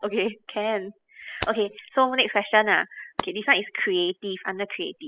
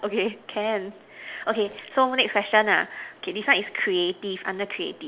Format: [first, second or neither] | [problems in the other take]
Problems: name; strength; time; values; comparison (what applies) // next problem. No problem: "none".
second | noise reduction (classical method spectral subtraction)